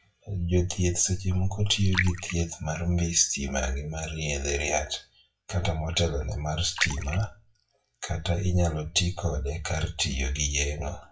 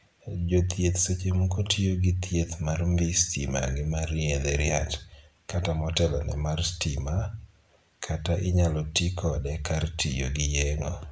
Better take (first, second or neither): second